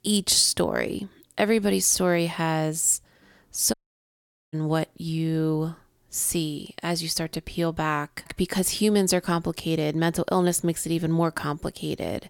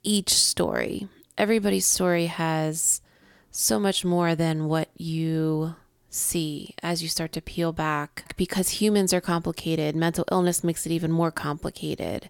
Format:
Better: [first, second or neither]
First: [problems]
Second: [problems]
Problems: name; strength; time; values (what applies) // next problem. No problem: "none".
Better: second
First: audio cutting out; at 3.5 s for 1 s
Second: none